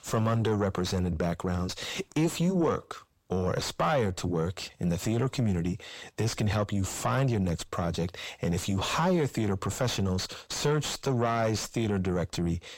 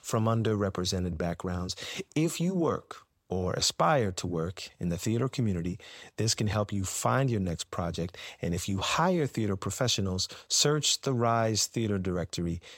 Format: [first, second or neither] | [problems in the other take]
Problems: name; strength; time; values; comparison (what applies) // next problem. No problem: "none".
second | distortion; heavy; 7 dB below the speech